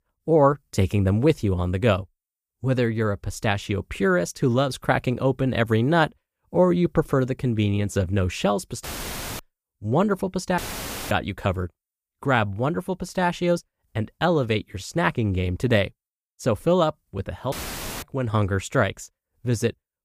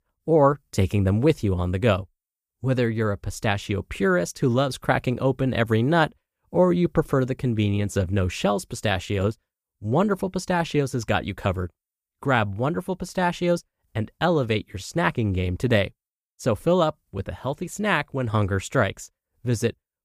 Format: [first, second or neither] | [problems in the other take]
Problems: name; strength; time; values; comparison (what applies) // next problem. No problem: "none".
second | audio cutting out; filled with static; at 9 s for 0.5 s, at 11 s for 0.5 s and at 18 s for 0.5 s